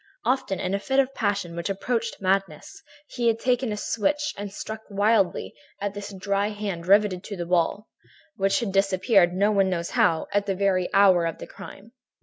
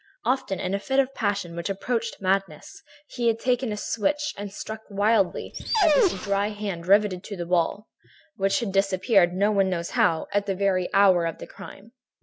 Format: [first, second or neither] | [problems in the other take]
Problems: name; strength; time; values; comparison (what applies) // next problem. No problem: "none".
first | background sound (Dog); 1 dB below the speech